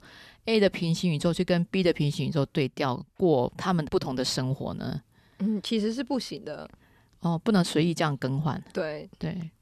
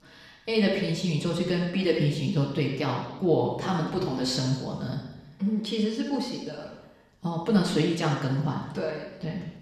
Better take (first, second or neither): first